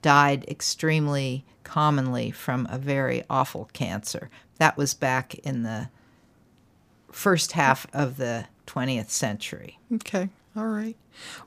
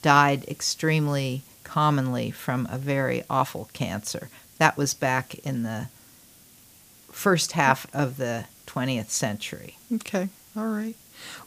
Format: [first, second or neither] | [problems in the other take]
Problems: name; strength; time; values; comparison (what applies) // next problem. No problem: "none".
first | hiss; faint; throughout; 25 dB below the speech